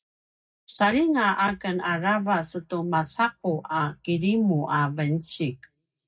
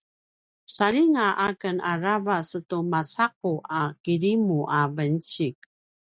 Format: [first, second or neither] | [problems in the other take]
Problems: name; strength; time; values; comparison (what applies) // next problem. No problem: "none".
second | room echo; dies away in 0.3 s